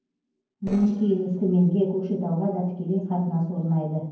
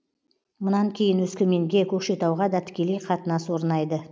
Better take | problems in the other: second | noise reduction (neural separator model SepFormer DNS4)

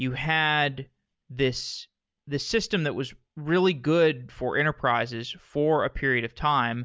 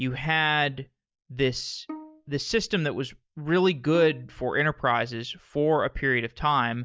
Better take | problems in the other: first | noise reduction (neural mask model DeepFilterNet 3)

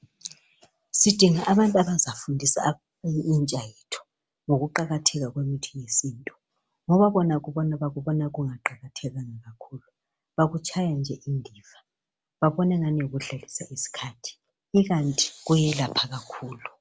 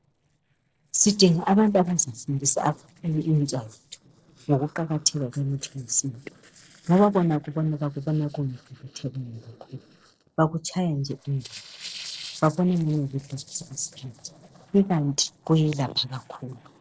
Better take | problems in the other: first | noise reduction (neural separator model SepFormer DNS4)

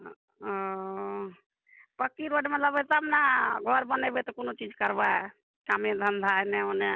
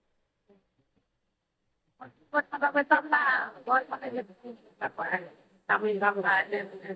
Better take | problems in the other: first | noise reduction (neural mask model DeepFilterNet 3)

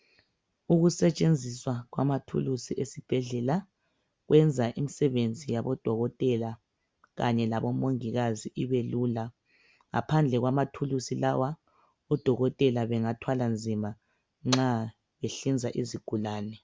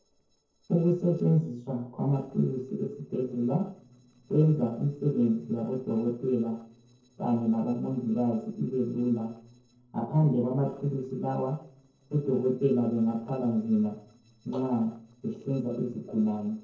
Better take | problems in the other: first | noise reduction (neural separator model SepFormer DNS4)

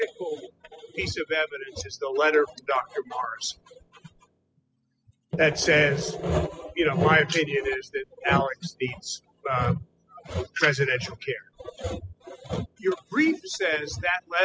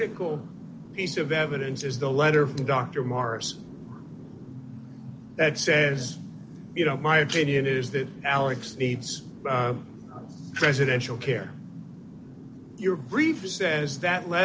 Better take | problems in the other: second | noise reduction (classical method spectral subtraction)

